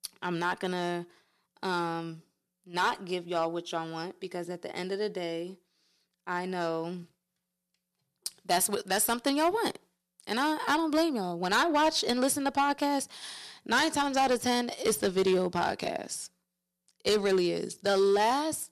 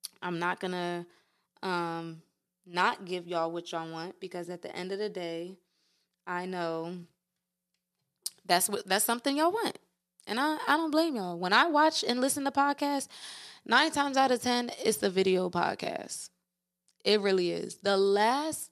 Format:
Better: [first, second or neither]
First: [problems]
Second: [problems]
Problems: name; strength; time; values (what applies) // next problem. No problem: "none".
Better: second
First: distortion; slight; 3% of the sound clipped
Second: none